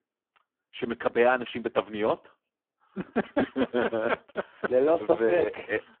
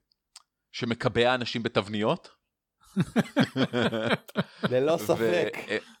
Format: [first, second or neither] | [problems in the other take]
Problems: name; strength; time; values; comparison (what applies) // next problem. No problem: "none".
second | phone-call audio; poor line